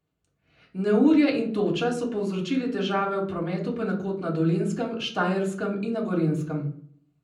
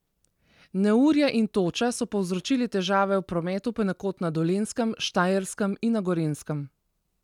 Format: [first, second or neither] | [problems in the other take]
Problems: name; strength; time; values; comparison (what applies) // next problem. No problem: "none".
second | room echo; dies away in 0.6 s